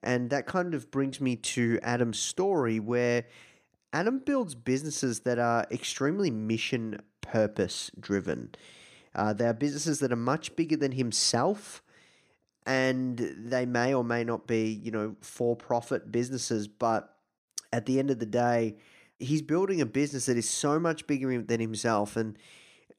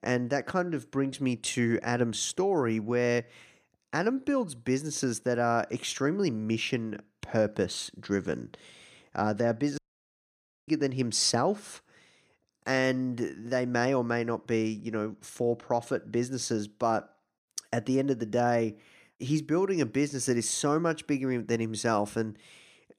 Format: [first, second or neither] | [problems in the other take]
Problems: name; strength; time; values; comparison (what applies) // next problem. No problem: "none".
first | audio cutting out; at 10 s for 1 s